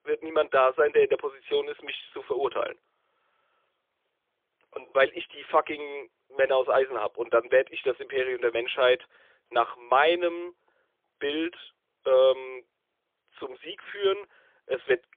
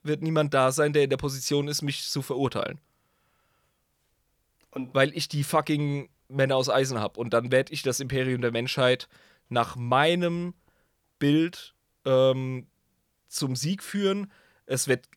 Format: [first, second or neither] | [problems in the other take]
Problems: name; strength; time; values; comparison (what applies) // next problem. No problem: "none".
second | phone-call audio; poor line; nothing above 3.5 kHz